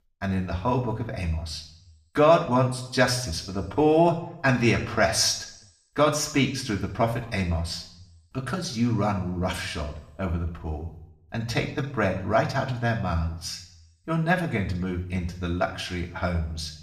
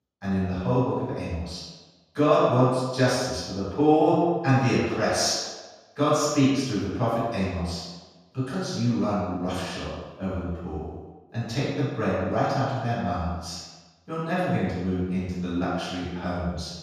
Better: first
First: room echo; slight; dies away in 0.6 s // off-mic speech; somewhat distant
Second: room echo; strong; dies away in 1.2 s // off-mic speech; far

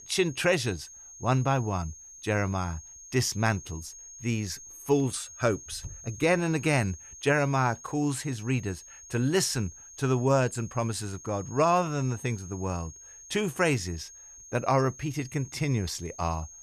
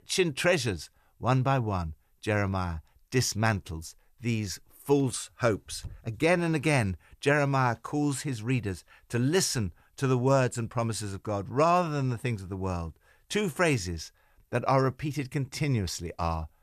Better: second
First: high-pitched whine; noticeable; throughout; 6.5 kHz, 15 dB below the speech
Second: none

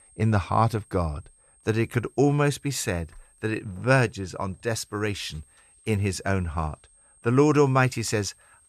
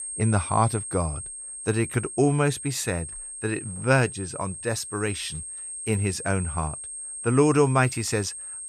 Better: first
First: high-pitched whine; faint; throughout; 8.5 kHz, 30 dB below the speech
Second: high-pitched whine; loud; throughout; 8.5 kHz, 8 dB below the speech

